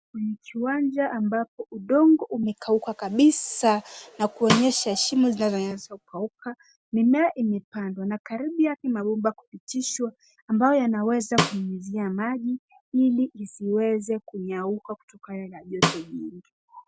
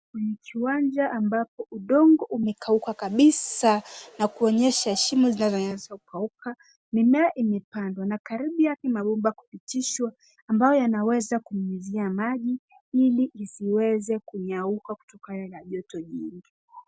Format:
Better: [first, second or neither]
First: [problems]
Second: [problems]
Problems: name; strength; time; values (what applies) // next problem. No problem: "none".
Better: second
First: background sound (Snare drum); 3 dB below the speech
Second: none